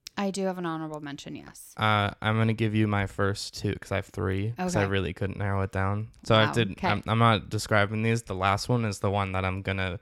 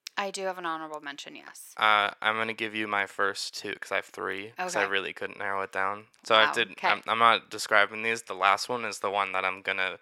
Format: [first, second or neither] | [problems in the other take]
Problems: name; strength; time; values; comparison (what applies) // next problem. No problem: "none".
first | thin; very; fading below 500 Hz